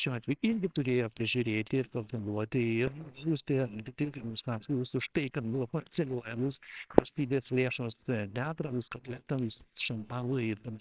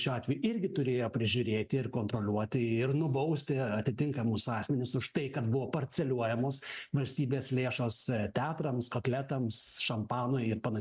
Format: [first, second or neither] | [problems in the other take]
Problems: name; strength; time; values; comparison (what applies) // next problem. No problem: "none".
second | noise reduction (neural separator model SepFormer WHAMR!)